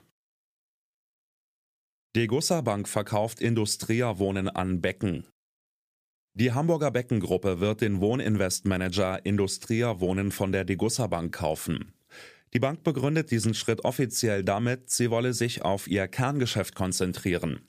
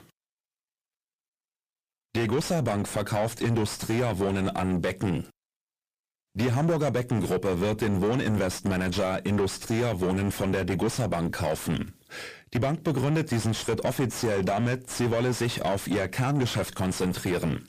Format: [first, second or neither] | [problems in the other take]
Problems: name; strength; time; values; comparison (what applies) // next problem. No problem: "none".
first | distortion; heavy; 6 dB below the speech